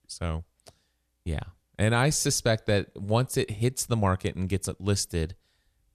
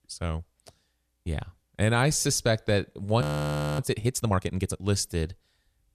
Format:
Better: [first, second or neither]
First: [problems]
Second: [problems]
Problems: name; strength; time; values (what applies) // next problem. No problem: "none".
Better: first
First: none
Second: audio freezing; at 3 s for 0.5 s